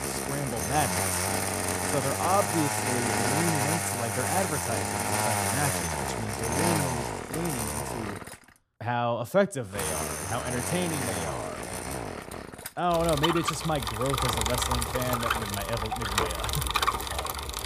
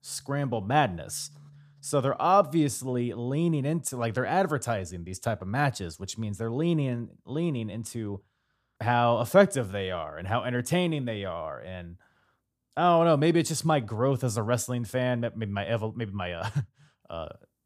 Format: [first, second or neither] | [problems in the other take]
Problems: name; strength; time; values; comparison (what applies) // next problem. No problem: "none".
second | traffic noise; very loud; throughout; 3 dB above the speech